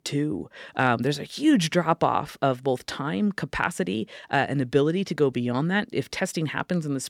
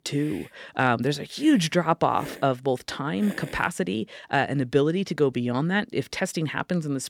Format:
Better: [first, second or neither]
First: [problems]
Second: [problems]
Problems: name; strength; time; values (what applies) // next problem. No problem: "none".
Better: first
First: none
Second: hiss; noticeable; until 3.5 s; 20 dB below the speech